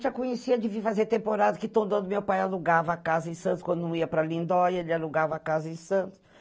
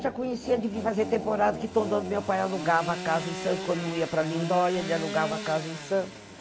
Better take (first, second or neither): first